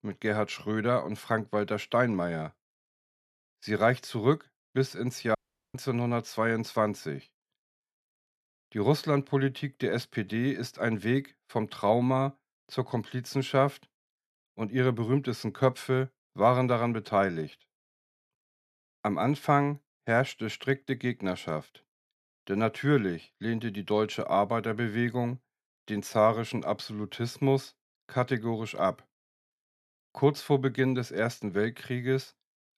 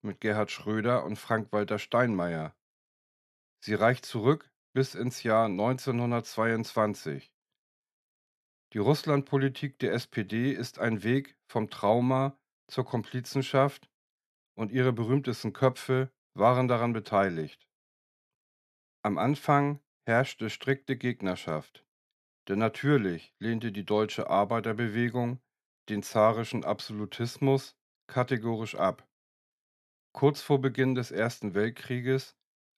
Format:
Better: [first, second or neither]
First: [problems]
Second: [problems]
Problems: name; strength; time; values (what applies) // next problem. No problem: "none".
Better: second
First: audio cutting out; at 5.5 s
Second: none